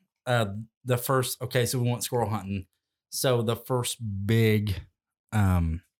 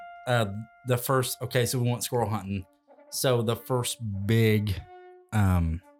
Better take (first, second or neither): first